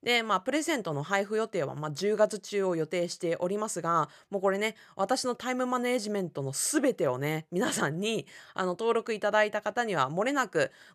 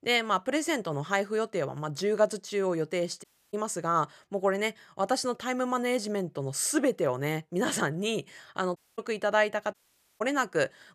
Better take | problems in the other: first | audio cutting out; at 3 s, at 9 s and at 9.5 s

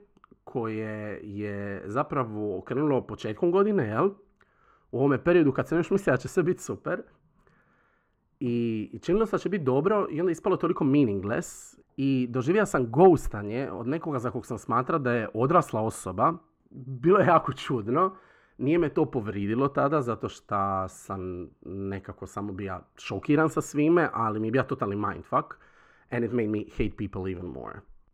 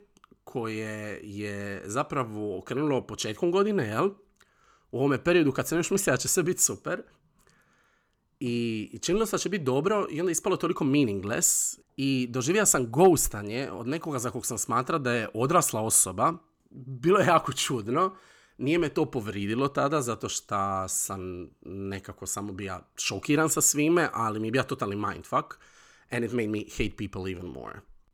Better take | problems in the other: second | muffled; very; fading above 3 kHz

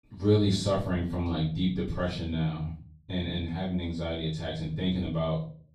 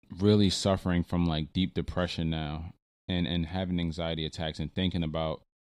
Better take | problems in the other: second | off-mic speech; far // room echo; slight; dies away in 0.5 s

